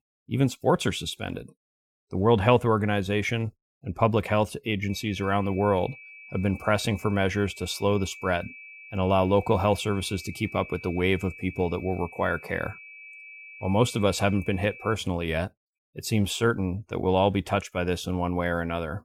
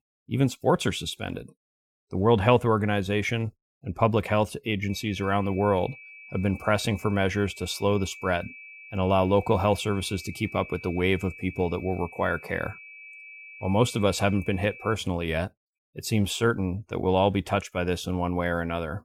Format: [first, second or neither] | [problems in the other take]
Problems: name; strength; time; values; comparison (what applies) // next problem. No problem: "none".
neither | high-pitched whine; noticeable; from 5 to 15 s; 2.5 kHz, 15 dB below the speech; the same in both